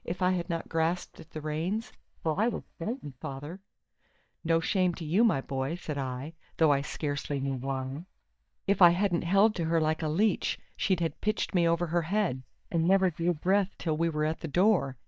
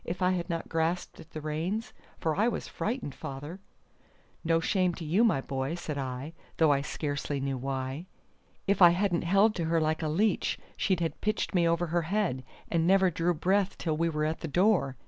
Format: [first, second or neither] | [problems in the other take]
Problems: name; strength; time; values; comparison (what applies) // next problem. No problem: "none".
second | noise reduction (neural mask model DeepFilterNet 3)